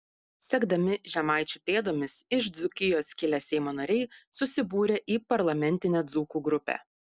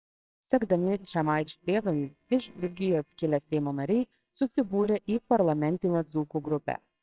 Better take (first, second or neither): first